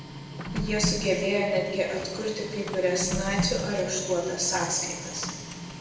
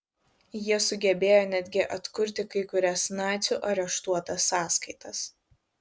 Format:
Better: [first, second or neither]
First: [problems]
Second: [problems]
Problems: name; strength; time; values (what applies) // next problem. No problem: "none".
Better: second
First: background sound (Printer); 6 dB below the speech // room echo; dies away in 1.2 s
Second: none